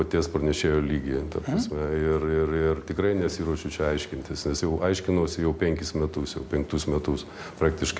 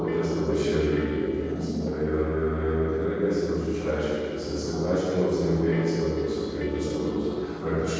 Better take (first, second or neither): first